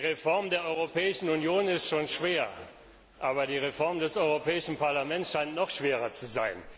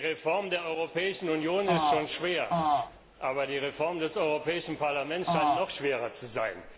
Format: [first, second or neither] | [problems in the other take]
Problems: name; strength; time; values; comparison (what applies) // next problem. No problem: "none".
first | background sound (Fart); 2 dB above the speech // room echo; dies away in 2.2 s